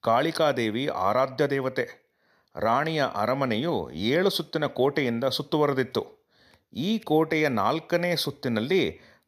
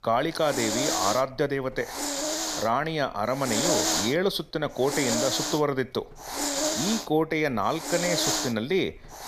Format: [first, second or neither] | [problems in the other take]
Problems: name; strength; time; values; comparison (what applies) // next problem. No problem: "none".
first | hiss; loud; throughout; 1 dB below the speech